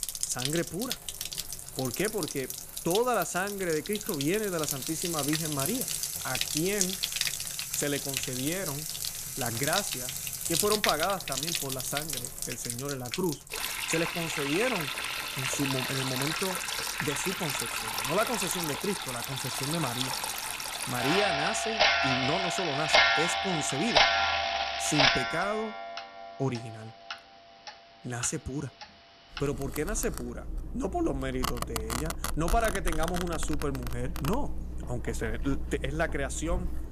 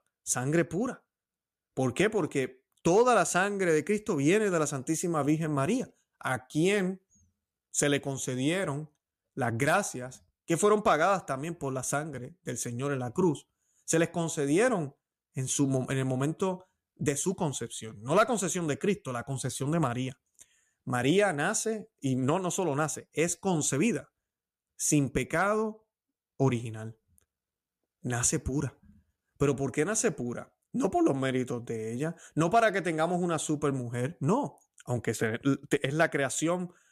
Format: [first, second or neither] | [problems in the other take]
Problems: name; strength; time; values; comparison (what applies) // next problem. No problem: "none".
second | household noises; very loud; throughout; 3 dB above the speech